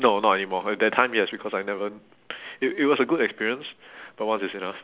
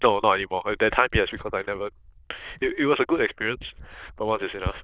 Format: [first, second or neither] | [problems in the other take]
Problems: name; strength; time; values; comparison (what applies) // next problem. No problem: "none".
first | noise reduction (neural diffusion model UNIVERSE++)